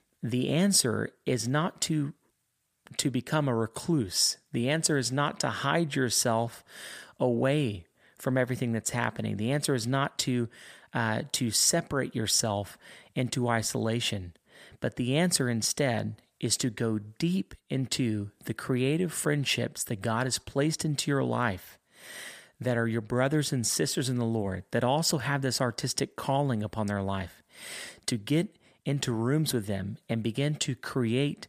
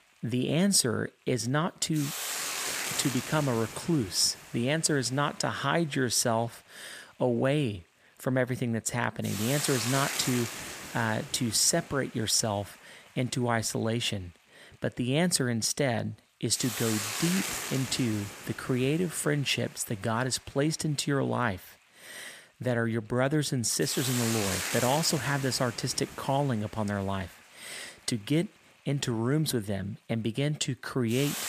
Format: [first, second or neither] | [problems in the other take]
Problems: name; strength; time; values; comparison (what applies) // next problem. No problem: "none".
first | hiss; loud; throughout; 6 dB below the speech